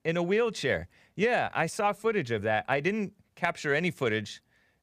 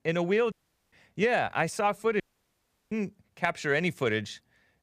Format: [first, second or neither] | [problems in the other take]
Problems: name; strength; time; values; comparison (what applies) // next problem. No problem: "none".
first | audio cutting out; at 0.5 s and at 2 s for 0.5 s